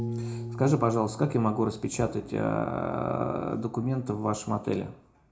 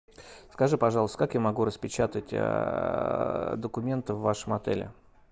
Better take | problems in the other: second | background sound (Piano); 12 dB below the speech // room echo; dies away in 0.4 s

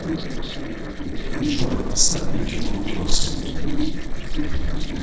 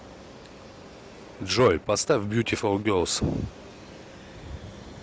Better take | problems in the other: second | noise reduction (neural separator model SepFormer DNS4)

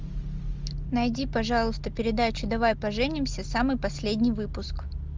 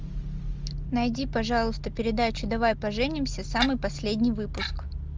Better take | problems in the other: first | background sound (Clock); 8 dB below the speech

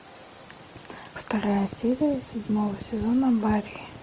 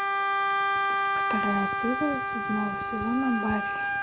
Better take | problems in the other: first | background sound (Wind instrument, woodwind instrument); 4 dB above the speech

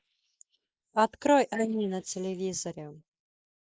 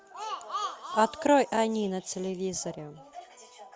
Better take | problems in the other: second | noise reduction (neural mask model Resemble Enhance denoiser)

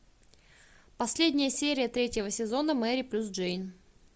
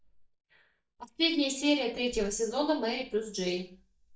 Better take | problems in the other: first | noise reduction (neural mask model DeepFilterNet 3)

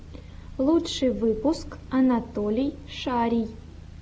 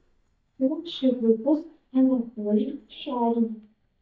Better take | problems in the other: first | noise reduction (neural mask model DeepFilterNet 3)

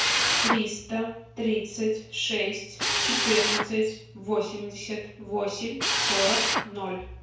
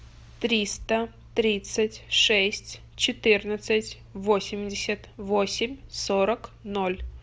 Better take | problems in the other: second | background sound (Drill); as loud as the speech // room echo; dies away in 0.5 s

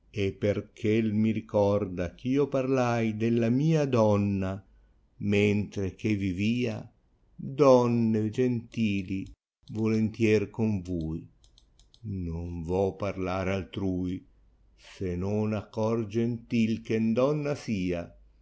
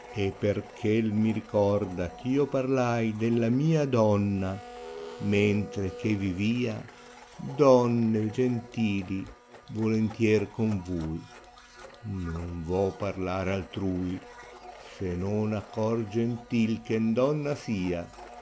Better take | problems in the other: first | background sound (Domestic sounds, home sounds); 19 dB below the speech

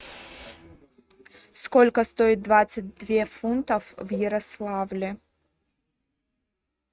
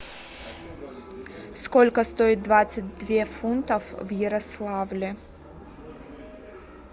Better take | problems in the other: second | noise reduction (neural mask model RNNoise)

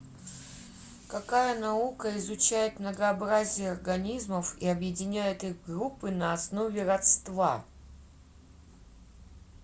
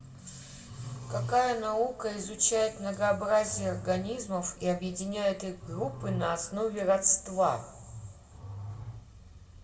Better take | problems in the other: first | background sound (Growling); 13 dB below the speech // room echo; dies away in 1.8 s

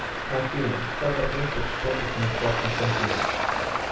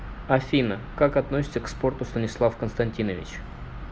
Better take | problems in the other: second | background sound (Traffic noise, roadway noise); 1 dB above the speech // room echo; dies away in 0.6 s

